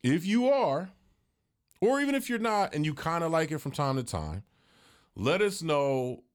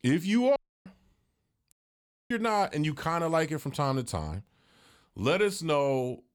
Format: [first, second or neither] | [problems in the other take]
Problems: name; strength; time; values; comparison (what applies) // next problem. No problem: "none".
first | audio cutting out; at 0.5 s and at 1.5 s for 0.5 s